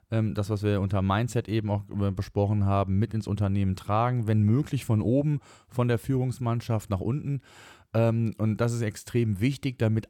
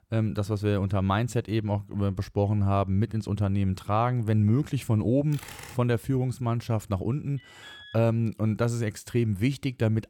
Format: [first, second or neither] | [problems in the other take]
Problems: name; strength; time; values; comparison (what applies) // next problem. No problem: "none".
first | keyboard typing; faint; at 5.5 s; peak 15 dB below the speech // alarm; faint; at 7.5 s; peak 20 dB below the speech